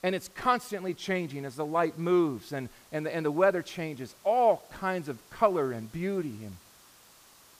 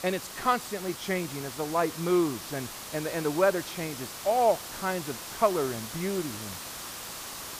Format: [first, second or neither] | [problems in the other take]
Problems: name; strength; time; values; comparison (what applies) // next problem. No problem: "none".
first | hiss; loud; throughout; 9 dB below the speech; faint in the first